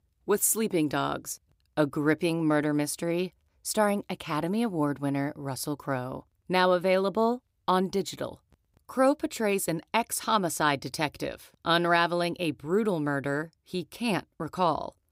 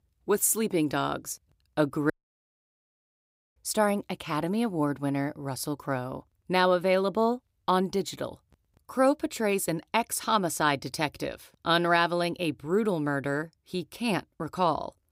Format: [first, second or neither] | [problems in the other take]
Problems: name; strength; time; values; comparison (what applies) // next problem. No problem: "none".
first | audio cutting out; at 2 s for 1.5 s